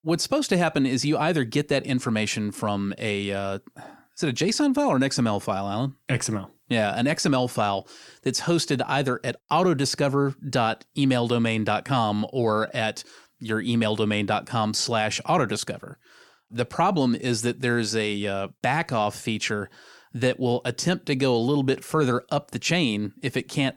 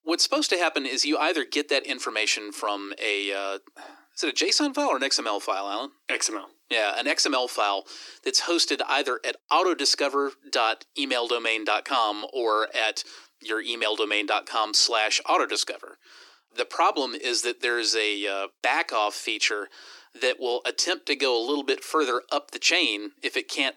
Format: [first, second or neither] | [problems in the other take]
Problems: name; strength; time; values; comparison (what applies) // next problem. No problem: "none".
first | thin; somewhat; fading below 300 Hz